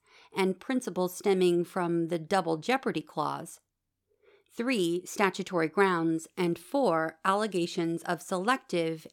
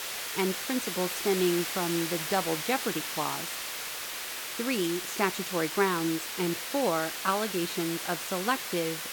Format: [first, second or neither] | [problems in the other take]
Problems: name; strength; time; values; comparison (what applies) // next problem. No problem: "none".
first | hiss; loud; throughout; 3 dB below the speech